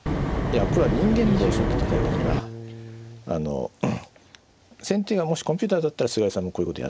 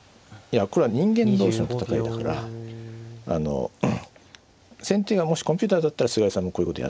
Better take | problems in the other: second | background sound (Wind); 2 dB above the speech

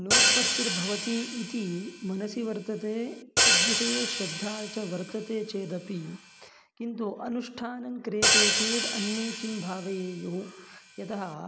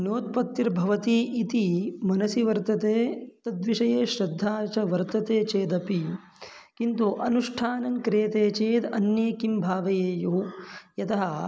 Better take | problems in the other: second | background sound (Hi-hat); 5 dB above the speech

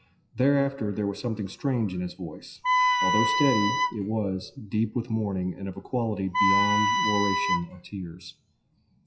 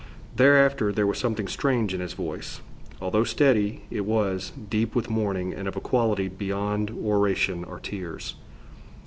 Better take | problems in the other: second | noise reduction (classical method WPE with log-MMSE)

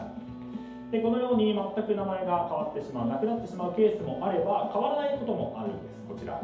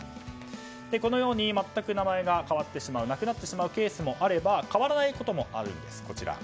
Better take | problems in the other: second | room echo; dies away in 2.2 s

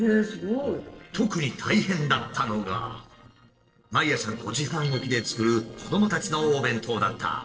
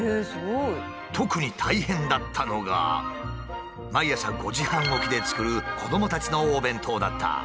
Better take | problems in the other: second | noise reduction (neural separator model SepFormer DNS4)

